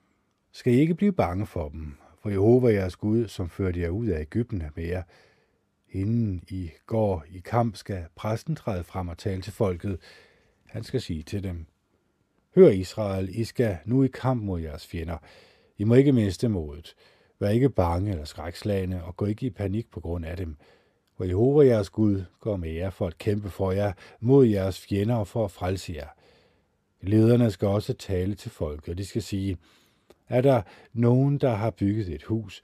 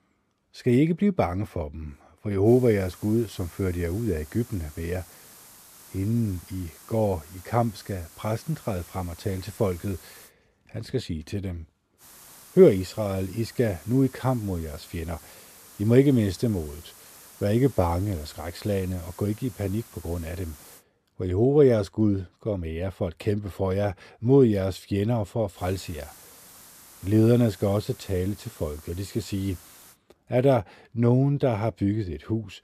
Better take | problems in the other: first | hiss; faint; from 2.5 to 10 s, from 12 to 21 s and from 26 to 30 s; 20 dB below the speech

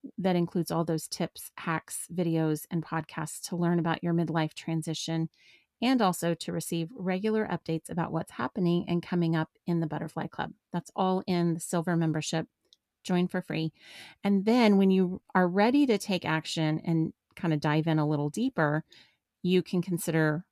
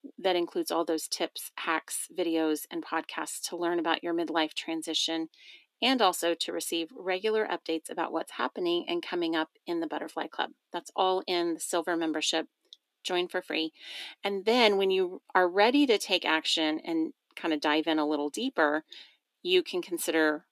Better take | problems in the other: first | thin; somewhat; fading below 300 Hz

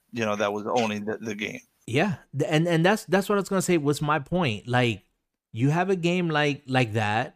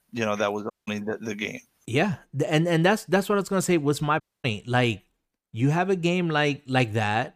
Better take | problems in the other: first | audio cutting out; at 0.5 s and at 4 s

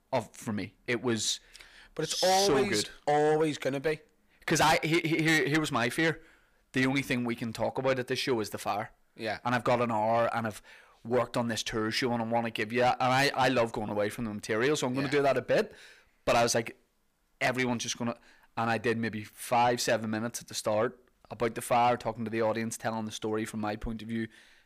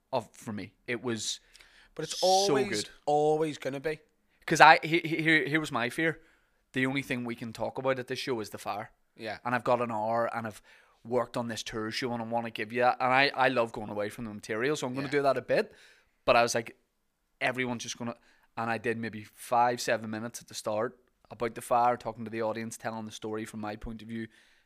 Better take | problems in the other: second | distortion; heavy; 6 dB below the speech

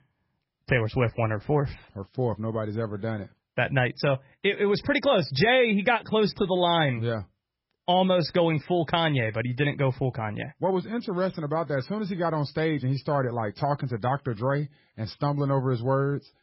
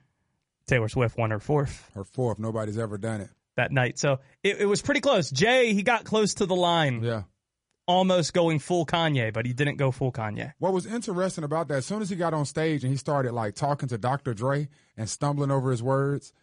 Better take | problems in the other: second | garbled, watery; badly; nothing above 5.5 kHz; slightly in the second

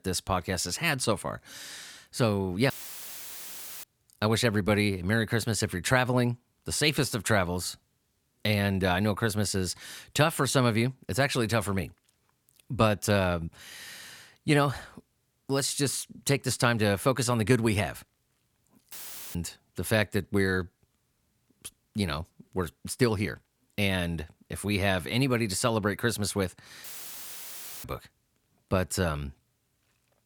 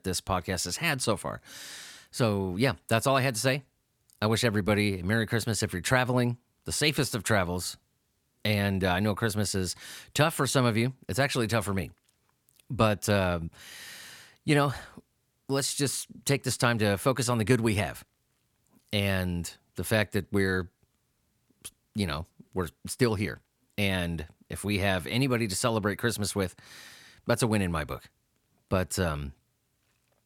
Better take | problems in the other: second | audio cutting out; filled with static; at 2.5 s for 1 s, at 19 s and at 27 s for 1 s

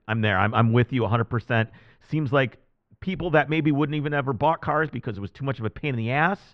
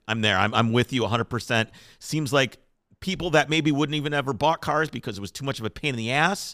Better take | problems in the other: second | muffled; very; fading above 2.5 kHz

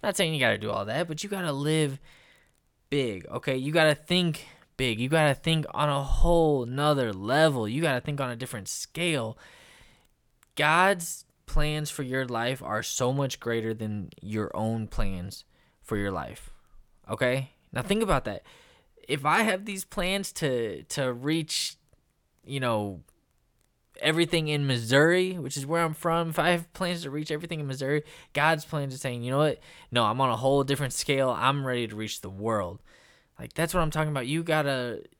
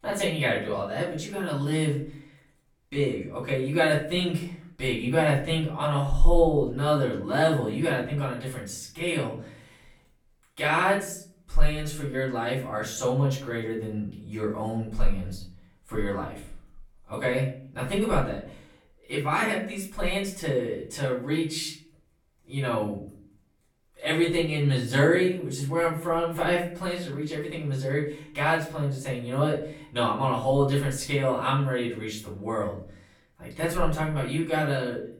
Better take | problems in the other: first | off-mic speech; far // room echo; slight; dies away in 0.5 s

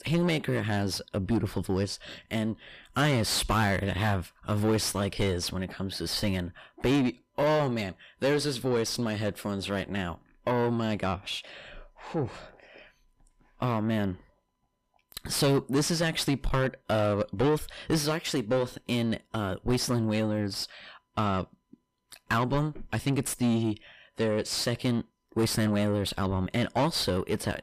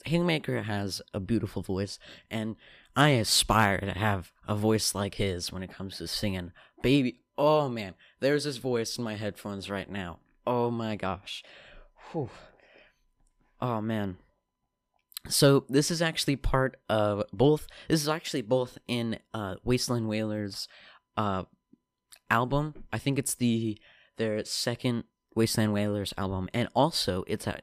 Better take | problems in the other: second | distortion; heavy; 8 dB below the speech

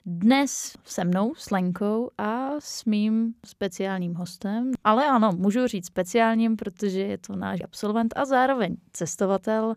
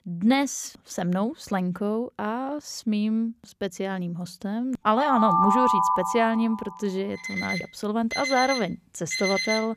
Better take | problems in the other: first | alarms or sirens; very loud; from 5.5 s on; as loud as the speech

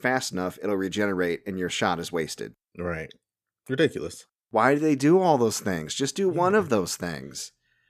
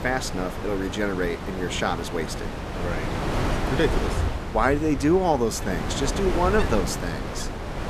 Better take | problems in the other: first | wind noise on the microphone; heavy; 5 dB below the speech

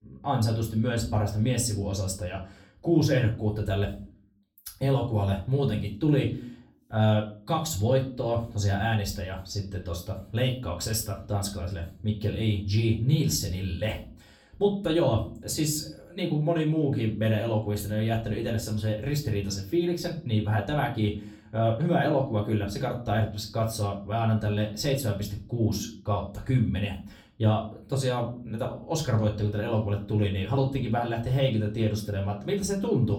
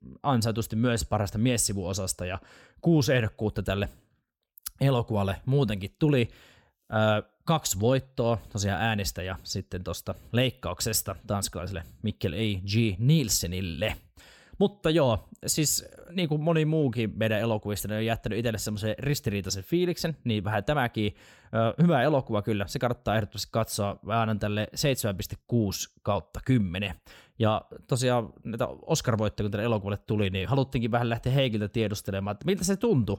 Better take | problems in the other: second | off-mic speech; far // room echo; very slight; dies away in 0.4 s

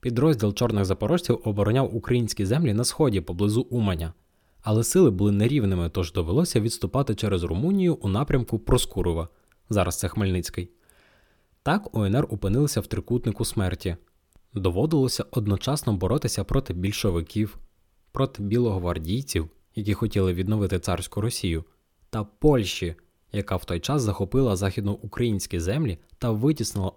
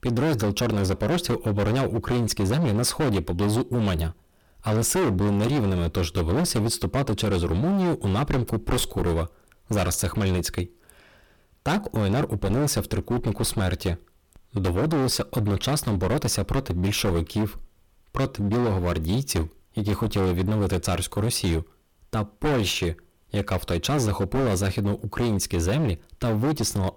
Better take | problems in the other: first | distortion; heavy; 25% of the sound clipped

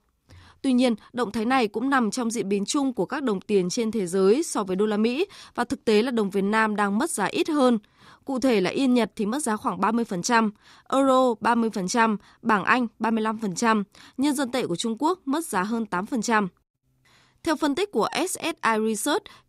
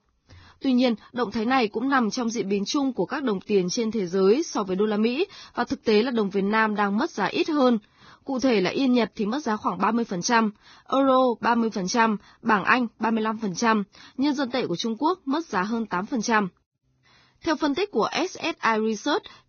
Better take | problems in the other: first | garbled, watery; badly; nothing above 6.5 kHz

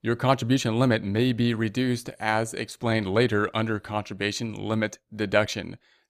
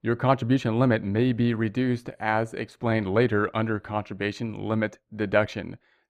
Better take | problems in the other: first | muffled; slightly; fading above 3.5 kHz

